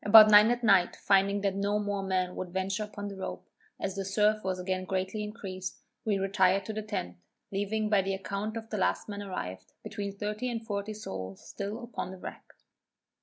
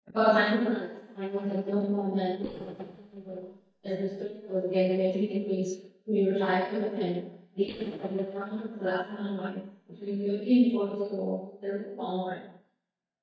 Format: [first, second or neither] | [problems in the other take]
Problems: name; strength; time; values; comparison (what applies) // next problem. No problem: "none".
first | noise reduction (neural mask model DeepFilterNet 3)